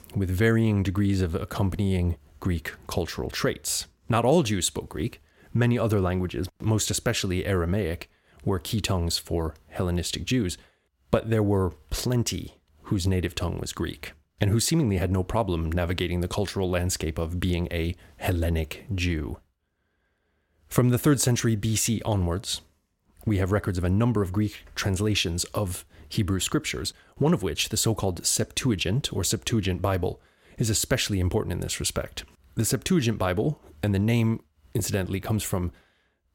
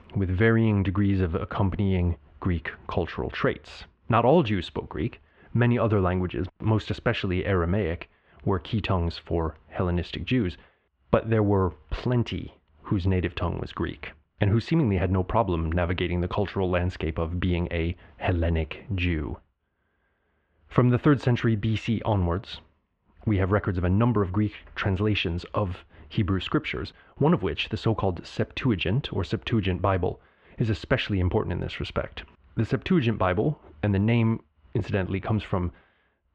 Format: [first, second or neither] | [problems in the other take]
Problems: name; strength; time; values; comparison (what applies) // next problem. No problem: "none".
first | muffled; very; fading above 3 kHz